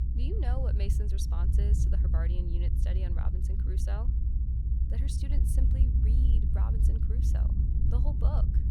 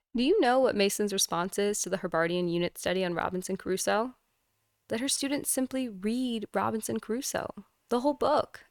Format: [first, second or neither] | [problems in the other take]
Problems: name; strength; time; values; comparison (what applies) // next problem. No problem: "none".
second | low rumble; loud; throughout; as loud as the speech